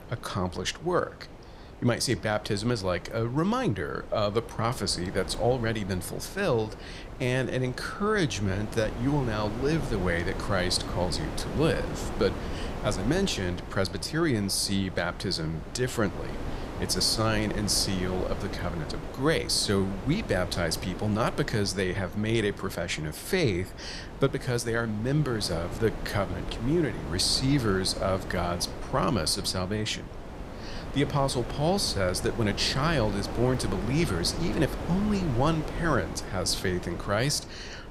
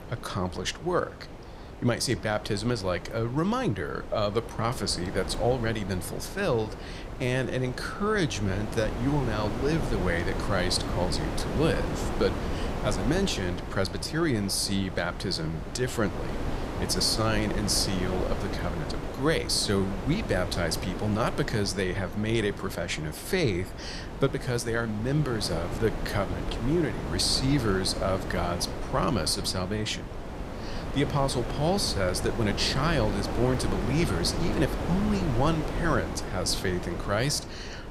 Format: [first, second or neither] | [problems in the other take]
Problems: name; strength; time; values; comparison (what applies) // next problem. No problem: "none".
first | wind noise on the microphone; heavy; 8 dB below the speech; occasional gusts in the first